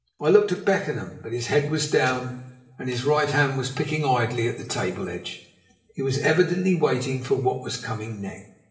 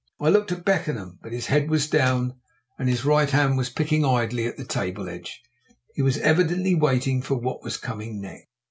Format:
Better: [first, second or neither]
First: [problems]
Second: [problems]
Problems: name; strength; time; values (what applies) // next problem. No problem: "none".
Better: second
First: room echo; dies away in 0.8 s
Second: none